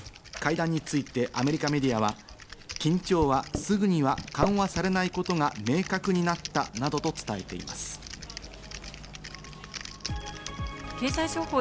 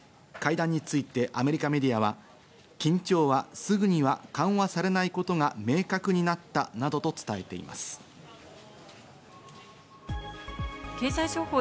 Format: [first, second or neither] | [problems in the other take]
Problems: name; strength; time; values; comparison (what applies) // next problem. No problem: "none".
second | background sound (Typing + Microwave oven); 11 dB below the speech